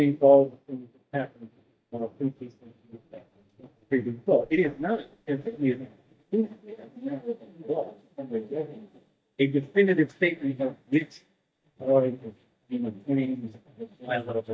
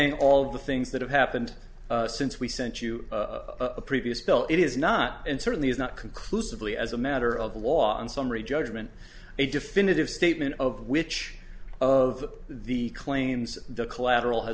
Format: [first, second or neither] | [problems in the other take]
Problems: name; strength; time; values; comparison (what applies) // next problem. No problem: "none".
second | noise reduction (neural mask model DeepFilterNet 3)